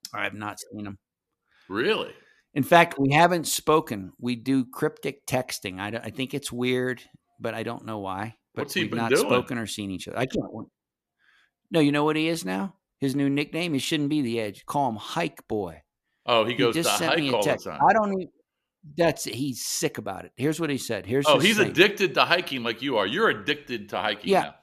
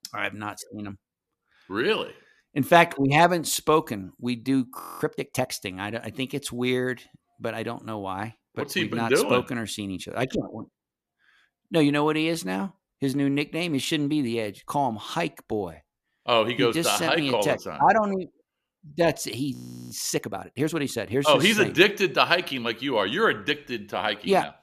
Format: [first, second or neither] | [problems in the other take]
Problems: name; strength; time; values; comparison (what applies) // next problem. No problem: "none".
first | audio freezing; at 5 s and at 20 s